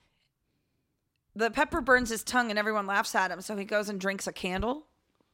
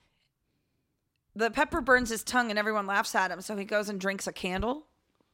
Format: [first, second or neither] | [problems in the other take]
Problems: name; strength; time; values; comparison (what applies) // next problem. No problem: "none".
neither | none